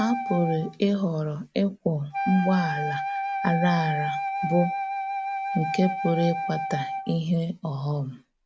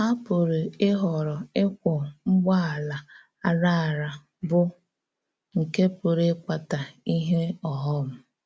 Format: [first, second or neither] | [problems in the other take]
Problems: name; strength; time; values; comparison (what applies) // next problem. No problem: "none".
second | background sound (Wind instrument, woodwind instrument); 4 dB below the speech